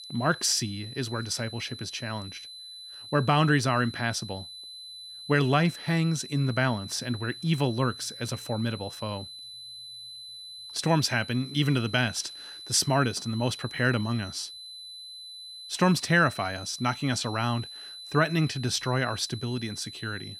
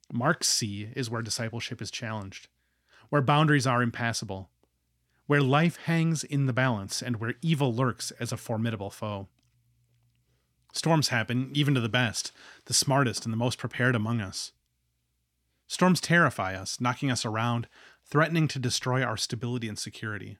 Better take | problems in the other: second | high-pitched whine; noticeable; throughout; 4 kHz, 15 dB below the speech

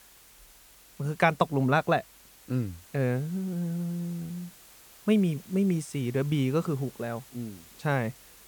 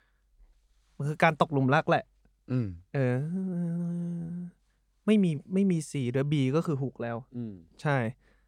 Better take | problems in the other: second | hiss; faint; throughout; 20 dB below the speech

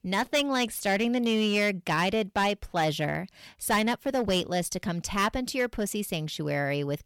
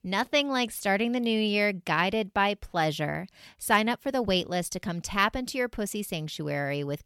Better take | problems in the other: second | distortion; slight; 6% of the sound clipped

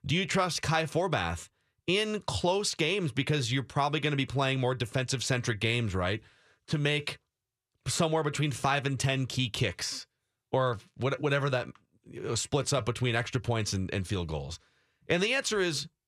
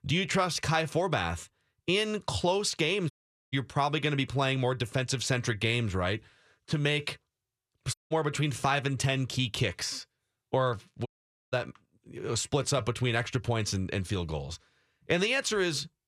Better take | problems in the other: first | audio cutting out; at 3 s, at 8 s and at 11 s

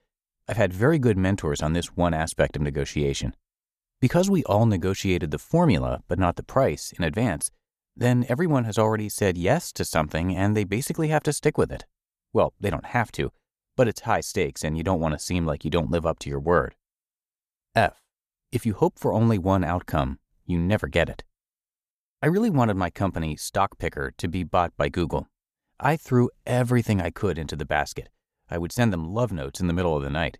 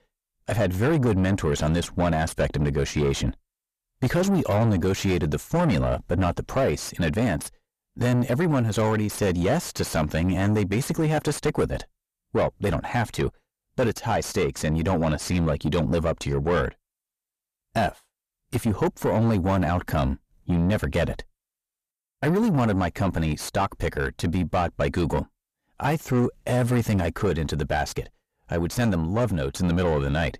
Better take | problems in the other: first | distortion; heavy; 6 dB below the speech

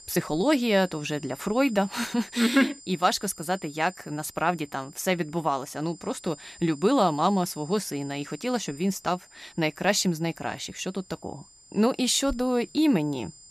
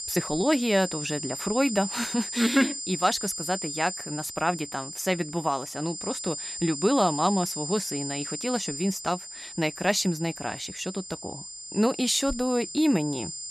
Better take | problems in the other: first | high-pitched whine; loud; throughout; 7 kHz, 7 dB below the speech; faint in the first

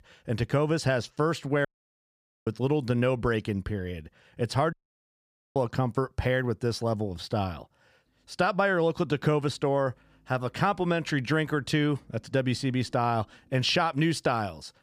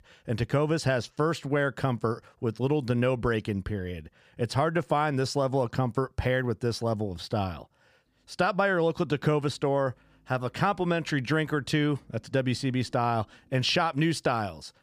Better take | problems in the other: second | audio cutting out; at 1.5 s for 1 s and at 4.5 s for 1 s

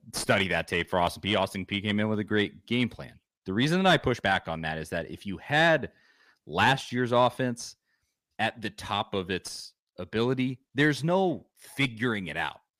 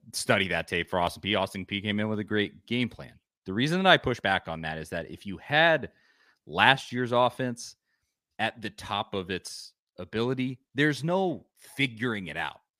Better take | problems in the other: second | distortion; slight; 10 dB below the speech

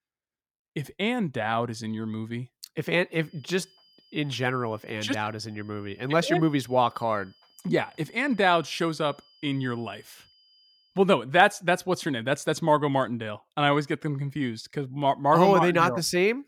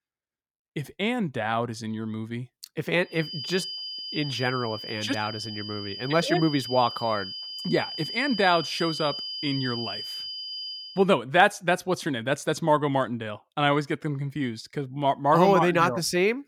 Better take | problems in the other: first | high-pitched whine; loud; from 3 to 11 s; 5 kHz, 7 dB below the speech; faint in the first

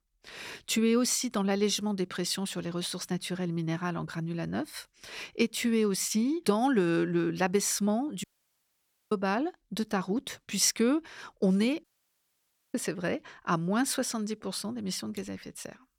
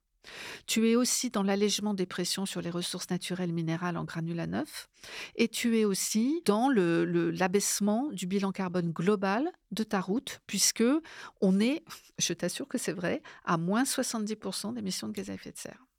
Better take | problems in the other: second | audio cutting out; at 8 s for 1 s and at 12 s for 1 s

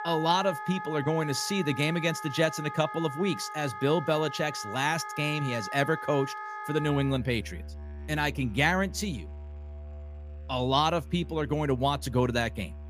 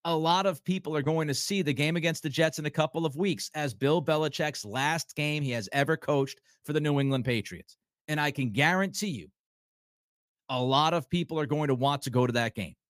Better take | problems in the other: second | background music; noticeable; throughout; 10 dB below the speech

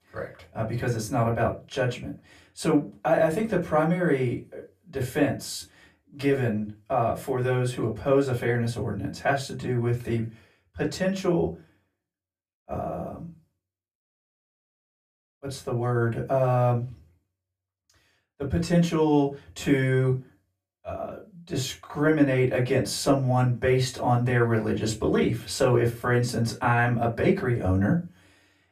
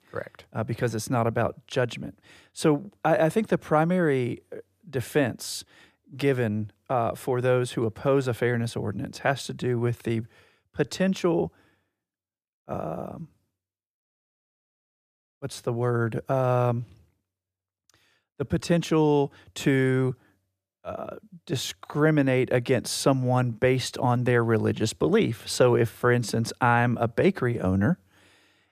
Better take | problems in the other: second | off-mic speech; far // room echo; very slight; dies away in 0.2 s

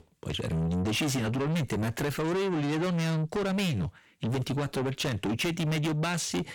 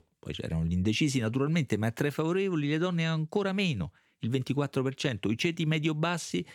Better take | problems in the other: second | distortion; heavy; 6 dB below the speech

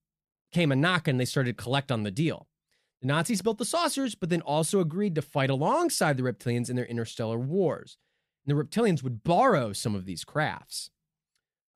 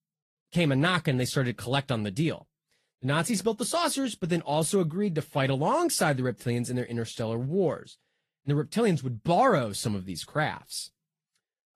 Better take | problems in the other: first | garbled, watery; slightly

